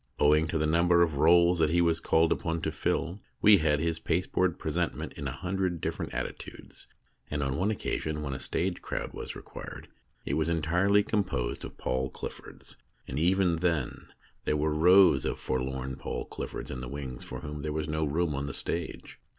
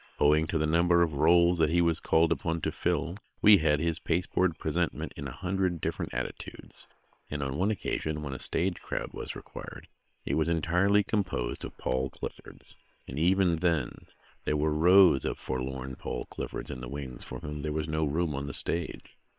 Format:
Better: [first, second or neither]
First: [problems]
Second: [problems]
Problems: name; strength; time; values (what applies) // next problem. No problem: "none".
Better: first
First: none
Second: noise reduction (neural separator model SepFormer WHAM!)